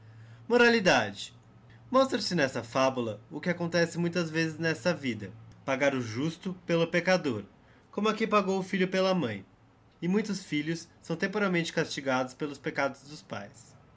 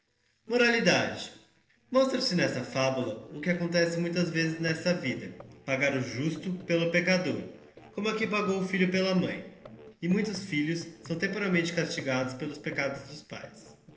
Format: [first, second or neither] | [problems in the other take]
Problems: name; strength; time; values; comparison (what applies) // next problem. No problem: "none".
first | noise reduction (neural separator model SepFormer DNS4)